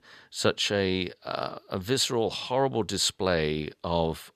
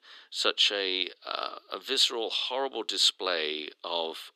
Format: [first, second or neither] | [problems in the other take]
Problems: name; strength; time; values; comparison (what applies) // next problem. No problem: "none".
first | thin; somewhat; fading below 300 Hz